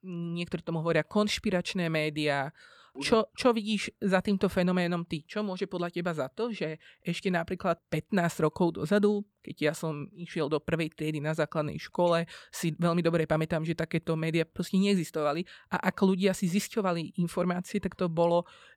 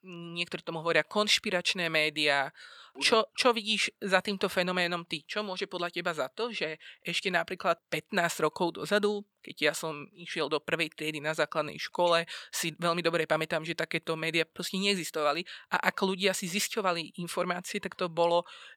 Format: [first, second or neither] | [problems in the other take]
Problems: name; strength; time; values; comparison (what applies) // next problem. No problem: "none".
first | thin; somewhat; fading below 800 Hz